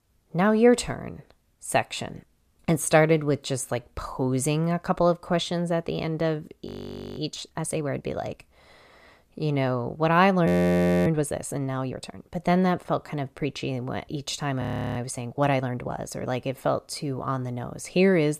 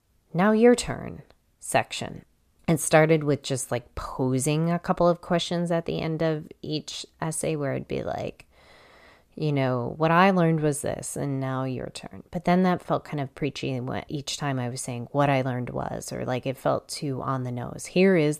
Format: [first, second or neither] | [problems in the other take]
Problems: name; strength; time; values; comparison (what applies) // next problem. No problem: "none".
second | audio freezing; at 6.5 s for 0.5 s, at 10 s for 0.5 s and at 15 s